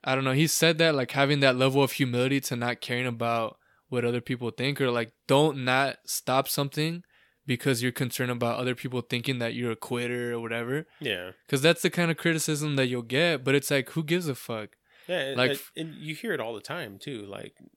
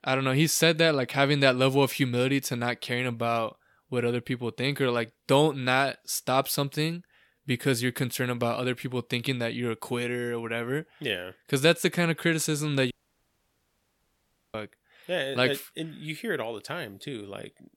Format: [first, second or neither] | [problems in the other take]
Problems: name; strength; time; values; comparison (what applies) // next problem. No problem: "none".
first | audio cutting out; at 13 s for 1.5 s